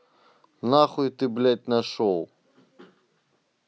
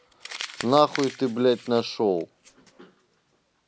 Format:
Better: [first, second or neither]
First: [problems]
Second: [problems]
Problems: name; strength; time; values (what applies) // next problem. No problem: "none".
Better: first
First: none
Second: background sound (Crumpling, crinkling); 16 dB below the speech